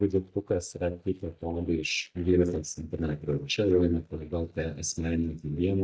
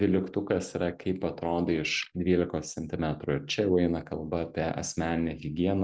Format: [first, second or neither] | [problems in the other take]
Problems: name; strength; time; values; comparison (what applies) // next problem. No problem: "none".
second | noise reduction (neural mask model DeepFilterNet 3)